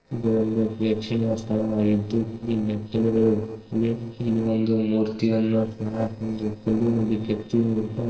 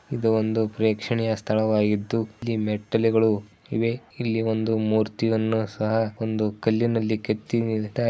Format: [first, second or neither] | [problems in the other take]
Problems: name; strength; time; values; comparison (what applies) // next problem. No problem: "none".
second | noise reduction (neural separator model SepFormer DNS4)